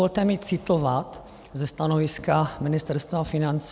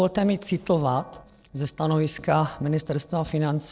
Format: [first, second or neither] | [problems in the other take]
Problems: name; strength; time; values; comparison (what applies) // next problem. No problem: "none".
first | noise reduction (neural separator model SepFormer DNS4)